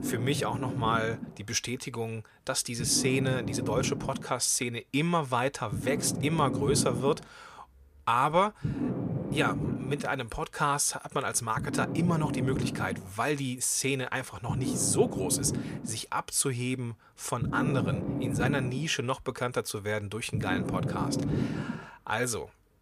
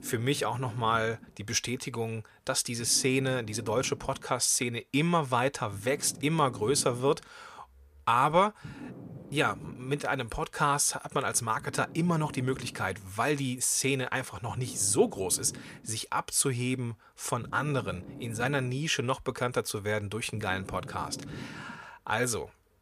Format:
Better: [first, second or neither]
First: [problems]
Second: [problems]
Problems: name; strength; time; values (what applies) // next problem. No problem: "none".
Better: second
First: low rumble; loud; throughout; 9 dB below the speech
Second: low rumble; faint; throughout; 20 dB below the speech